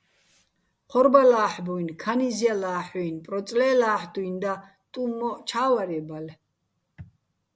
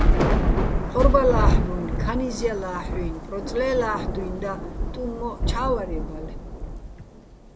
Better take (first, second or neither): first